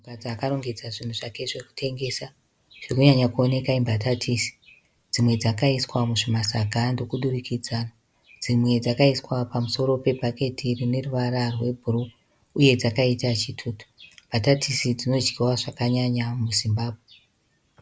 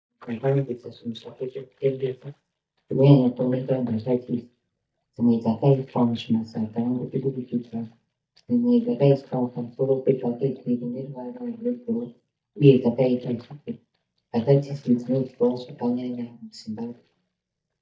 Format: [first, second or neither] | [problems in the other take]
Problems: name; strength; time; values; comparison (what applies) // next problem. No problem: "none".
first | noise reduction (neural mask model DeepFilterNet 3)